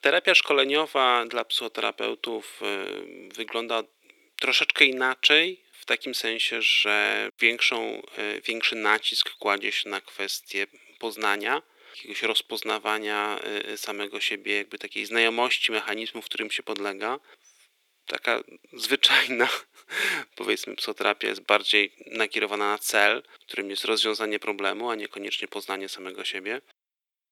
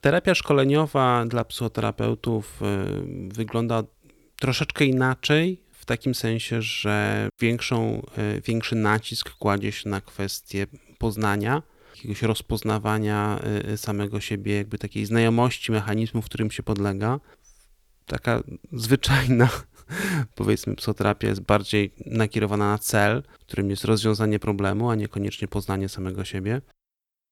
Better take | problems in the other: second | thin; very; fading below 350 Hz

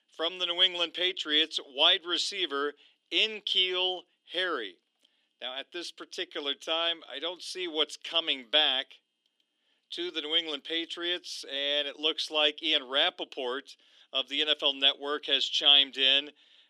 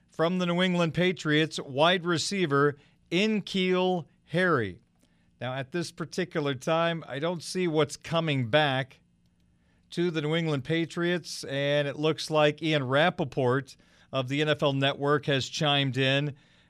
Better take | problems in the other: second | thin; somewhat; fading below 300 Hz

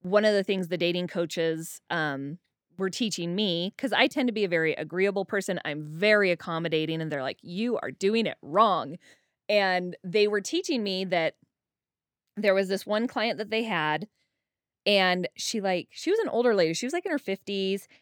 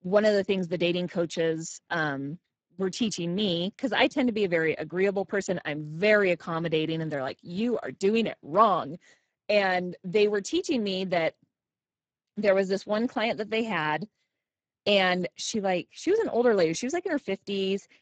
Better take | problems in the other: first | garbled, watery; badly; nothing above 7.5 kHz

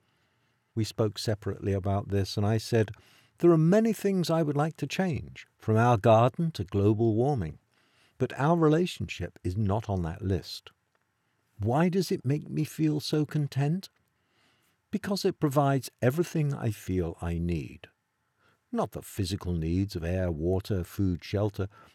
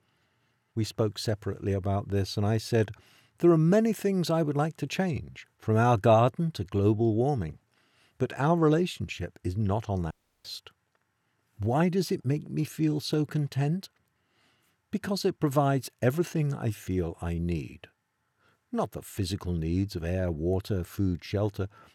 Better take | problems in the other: first | audio cutting out; at 10 s

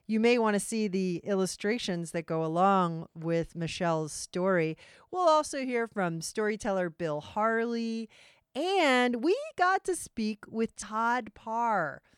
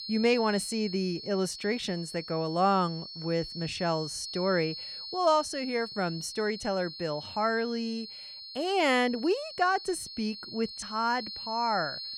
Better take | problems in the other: first | high-pitched whine; loud; throughout; 4.5 kHz, 9 dB below the speech

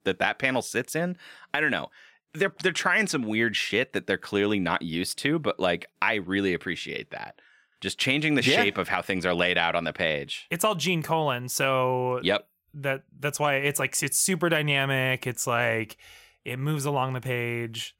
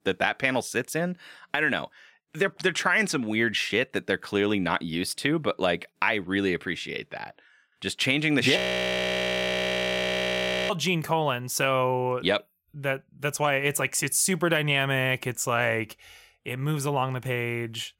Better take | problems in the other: first | audio freezing; at 8.5 s for 2 s

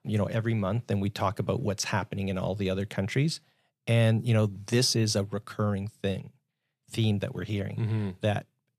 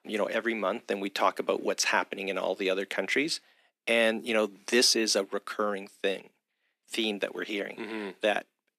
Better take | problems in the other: first | thin; somewhat; fading below 250 Hz

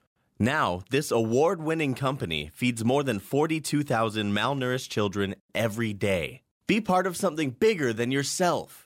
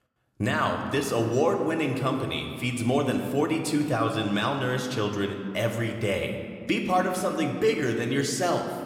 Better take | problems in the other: first | room echo; slight; dies away in 1.7 s

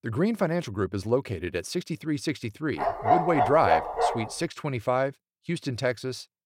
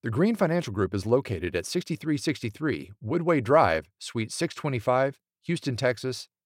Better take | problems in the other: second | dog barking; loud; from 3 to 4 s; peak 5 dB above the speech

